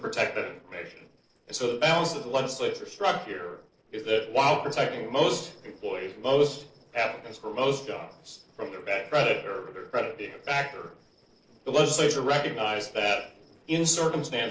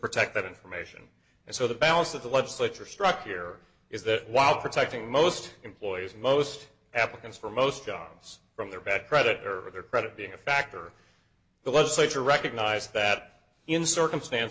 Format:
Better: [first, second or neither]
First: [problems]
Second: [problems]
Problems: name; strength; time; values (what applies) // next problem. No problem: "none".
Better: second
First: noise reduction (neural separator model SepFormer DNS4)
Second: none